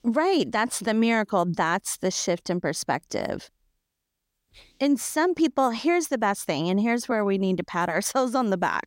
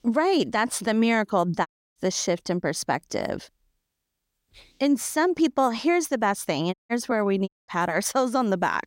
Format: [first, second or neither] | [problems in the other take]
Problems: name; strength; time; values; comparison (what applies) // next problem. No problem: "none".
first | audio cutting out; at 1.5 s, at 6.5 s and at 7.5 s